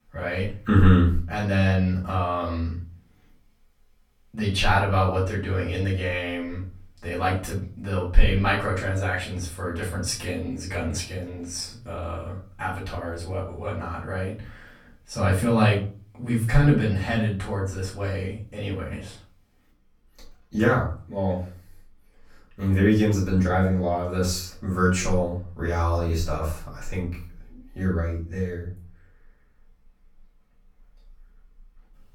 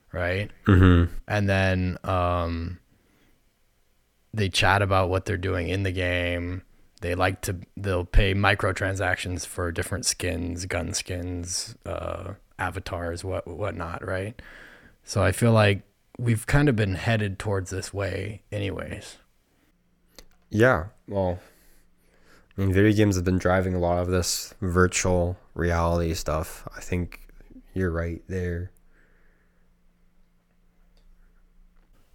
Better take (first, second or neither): second